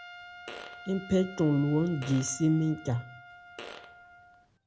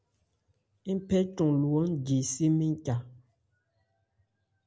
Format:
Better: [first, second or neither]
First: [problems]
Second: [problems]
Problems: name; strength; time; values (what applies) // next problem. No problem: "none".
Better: second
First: background sound (Trumpet + Fart); 16 dB below the speech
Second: none